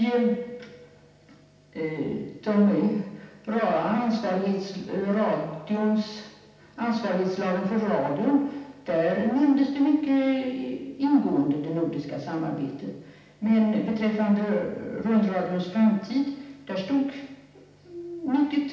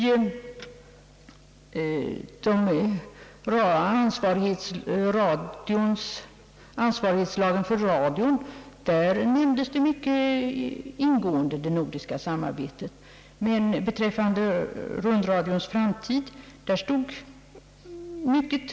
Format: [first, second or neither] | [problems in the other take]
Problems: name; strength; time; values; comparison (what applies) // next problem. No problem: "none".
second | room echo; dies away in 0.8 s